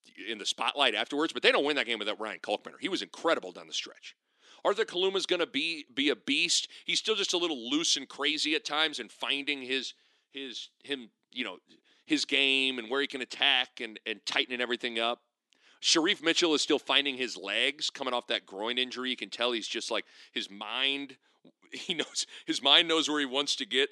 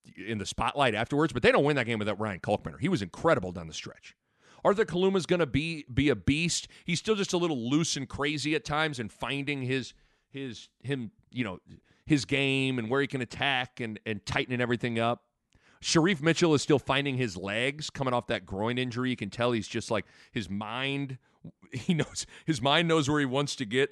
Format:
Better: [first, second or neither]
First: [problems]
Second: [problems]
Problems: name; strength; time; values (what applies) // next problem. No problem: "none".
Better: second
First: thin; very slightly; fading below 300 Hz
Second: none